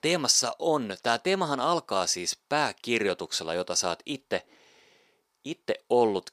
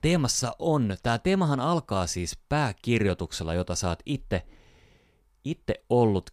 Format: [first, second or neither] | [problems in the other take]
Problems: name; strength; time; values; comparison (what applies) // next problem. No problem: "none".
second | thin; somewhat; fading below 350 Hz